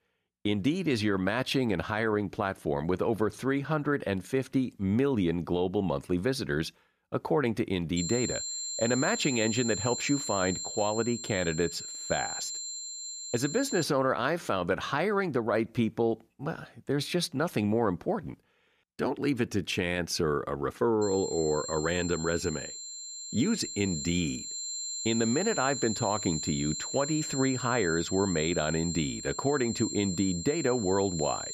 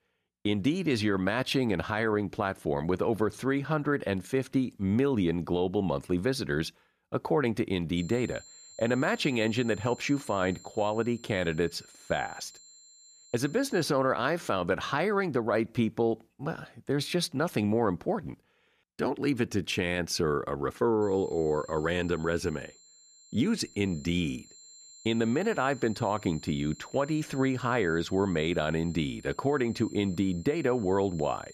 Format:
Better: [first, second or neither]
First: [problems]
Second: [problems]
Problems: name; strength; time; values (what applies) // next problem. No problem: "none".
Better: second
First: high-pitched whine; loud; from 8 to 14 s and from 21 s on; 7.5 kHz, 5 dB below the speech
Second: high-pitched whine; faint; from 8 to 14 s and from 21 s on; 7.5 kHz, 20 dB below the speech